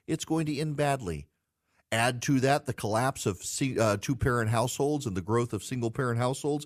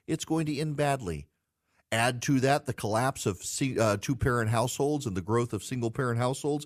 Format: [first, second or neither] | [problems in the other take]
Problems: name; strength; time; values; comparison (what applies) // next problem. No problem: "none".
neither | none